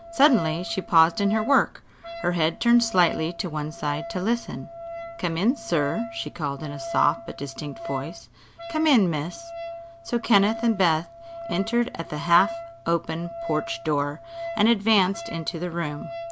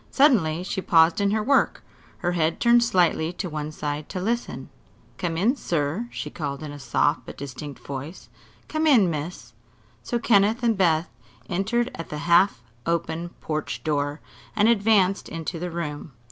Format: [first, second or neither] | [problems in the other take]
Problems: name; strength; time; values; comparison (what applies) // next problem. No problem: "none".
second | background sound (Wind instrument, woodwind instrument); 12 dB below the speech